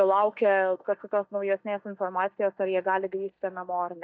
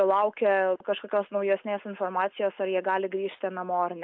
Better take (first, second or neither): second